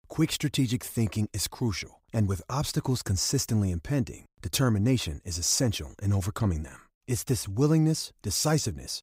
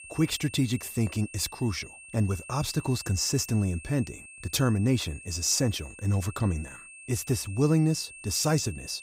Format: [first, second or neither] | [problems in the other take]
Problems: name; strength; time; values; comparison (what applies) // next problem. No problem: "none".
first | high-pitched whine; noticeable; throughout; 2.5 kHz, 15 dB below the speech